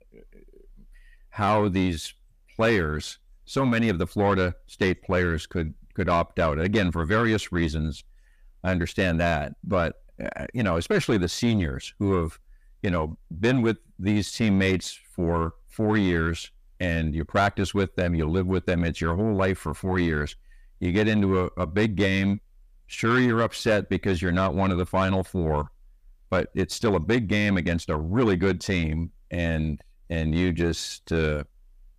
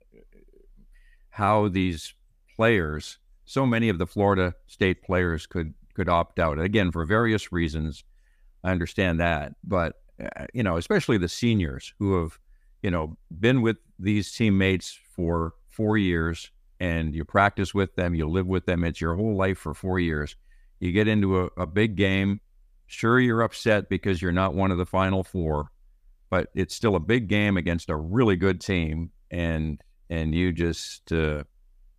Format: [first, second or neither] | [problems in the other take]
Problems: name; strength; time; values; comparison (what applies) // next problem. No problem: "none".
second | distortion; slight; 9 dB below the speech